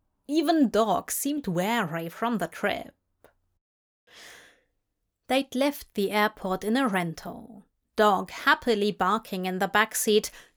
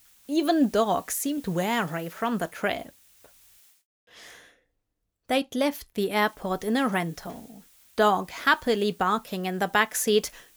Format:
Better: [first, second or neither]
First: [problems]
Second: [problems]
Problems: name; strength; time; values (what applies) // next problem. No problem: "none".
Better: first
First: none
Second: hiss; faint; until 3.5 s and from 6 s on; 25 dB below the speech